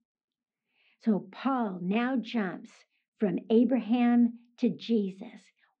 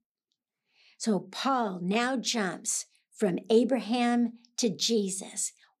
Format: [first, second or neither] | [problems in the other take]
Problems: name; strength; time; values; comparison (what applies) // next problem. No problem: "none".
second | muffled; very; fading above 3 kHz